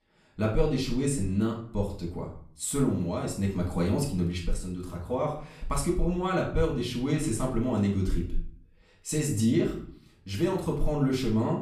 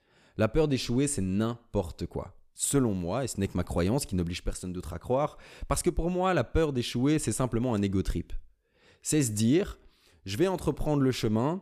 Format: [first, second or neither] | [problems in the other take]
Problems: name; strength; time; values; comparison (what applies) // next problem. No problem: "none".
second | room echo; slight; dies away in 0.4 s // off-mic speech; far